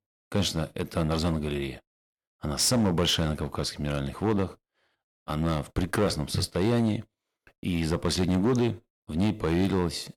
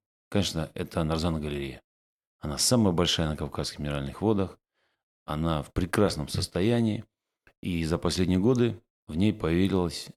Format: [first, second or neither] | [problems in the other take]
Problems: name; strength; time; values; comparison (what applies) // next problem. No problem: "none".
second | distortion; slight; 6% of the sound clipped